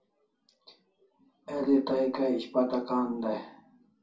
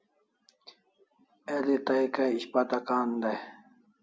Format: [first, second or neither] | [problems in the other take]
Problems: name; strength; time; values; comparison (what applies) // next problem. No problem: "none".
second | room echo; dies away in 0.2 s